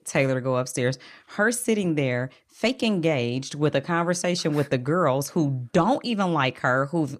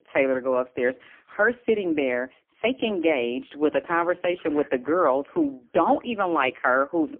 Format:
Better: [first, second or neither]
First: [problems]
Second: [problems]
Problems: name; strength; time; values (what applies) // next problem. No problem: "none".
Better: first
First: none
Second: phone-call audio; poor line; nothing above 3 kHz